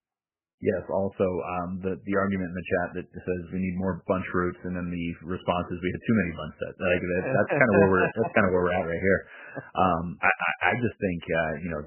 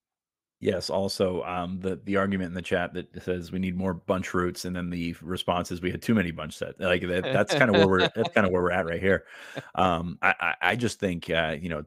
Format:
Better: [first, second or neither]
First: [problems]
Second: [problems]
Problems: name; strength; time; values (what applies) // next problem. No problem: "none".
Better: second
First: garbled, watery; badly; nothing above 3 kHz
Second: none